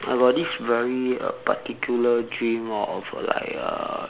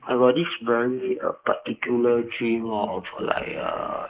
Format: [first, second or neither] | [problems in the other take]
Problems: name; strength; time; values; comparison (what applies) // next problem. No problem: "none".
first | noise reduction (neural mask model Resemble Enhance denoiser)